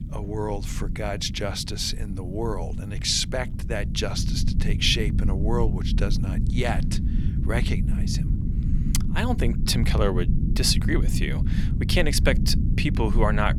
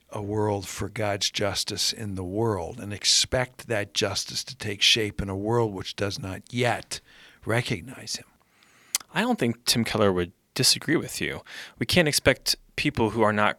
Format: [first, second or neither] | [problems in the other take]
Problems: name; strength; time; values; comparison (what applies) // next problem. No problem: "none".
second | low rumble; noticeable; throughout; 10 dB below the speech